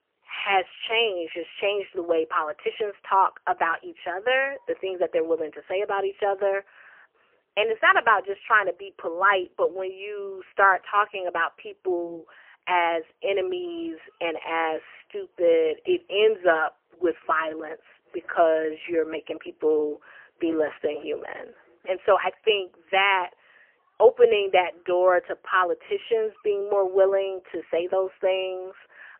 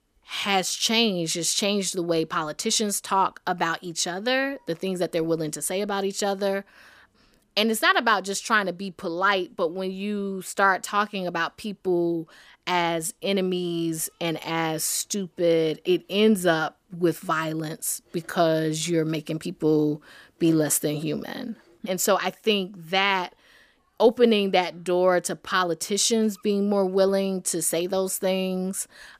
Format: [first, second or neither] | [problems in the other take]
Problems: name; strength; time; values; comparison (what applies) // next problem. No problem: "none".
second | phone-call audio; poor line; nothing above 3 kHz